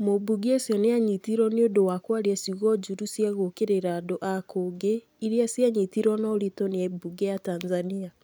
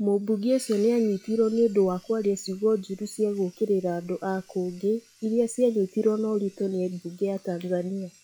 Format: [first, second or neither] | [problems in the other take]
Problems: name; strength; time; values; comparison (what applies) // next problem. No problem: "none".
first | noise reduction (classical method log-MMSE)